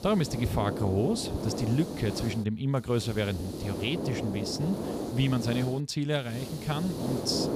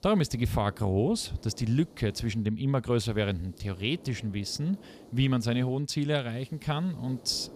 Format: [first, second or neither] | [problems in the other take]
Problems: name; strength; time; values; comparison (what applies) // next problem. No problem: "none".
second | hiss; loud; throughout; 5 dB below the speech; faint in the second